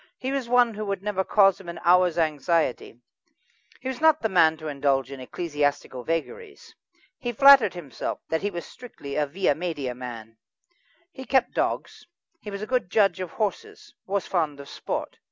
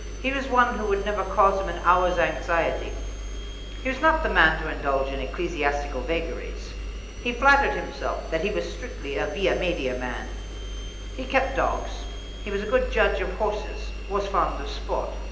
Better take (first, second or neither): first